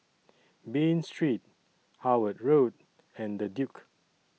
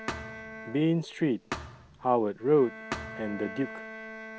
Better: first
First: none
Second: background sound (Bowed string instrument + Thump, thud); 11 dB below the speech

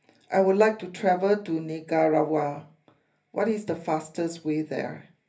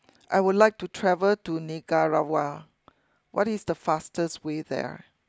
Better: second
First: room echo; dies away in 0.3 s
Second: none

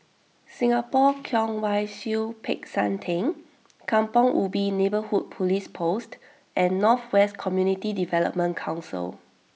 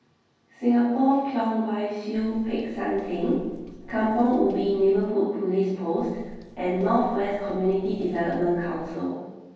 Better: first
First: none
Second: background sound (Walk, footsteps); 20 dB below the speech // room echo; dies away in 1.3 s

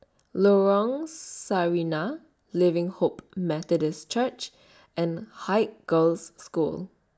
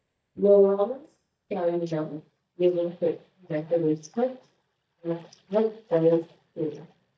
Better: first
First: none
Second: noise reduction (neural mask model DeepFilterNet 3)

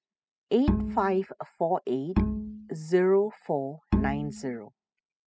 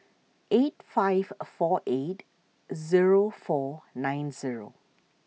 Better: second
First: noise reduction (classical method spectral subtraction)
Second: none

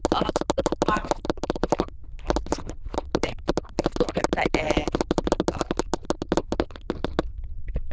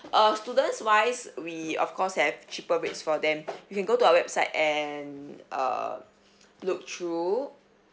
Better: second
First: noise reduction (neural diffusion model UNIVERSE++)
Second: none

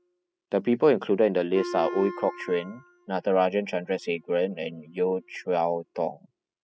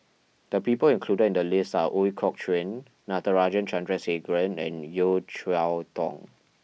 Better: second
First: noise reduction (classical method spectral subtraction)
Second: none

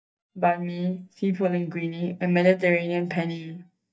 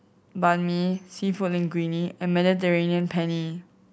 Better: second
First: noise reduction (neural mask model DeepFilterNet 3)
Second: none

